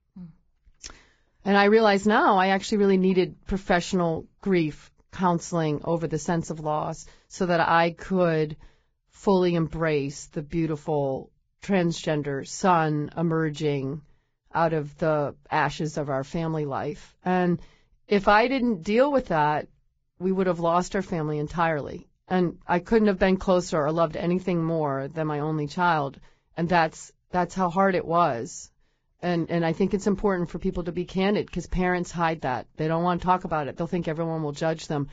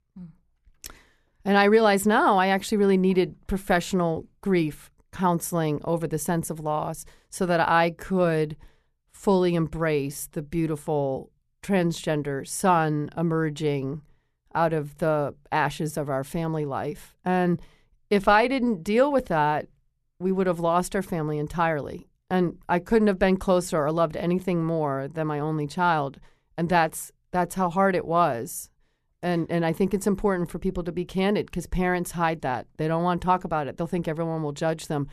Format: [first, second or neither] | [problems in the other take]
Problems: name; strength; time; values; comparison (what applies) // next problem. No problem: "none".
second | garbled, watery; badly; nothing above 7.5 kHz